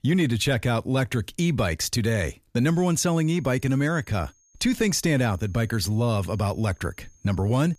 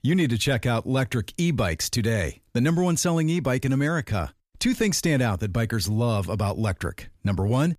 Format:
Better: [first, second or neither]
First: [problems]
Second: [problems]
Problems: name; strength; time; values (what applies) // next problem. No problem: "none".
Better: second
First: high-pitched whine; faint; from 3 s on; 6.5 kHz, 35 dB below the speech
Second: none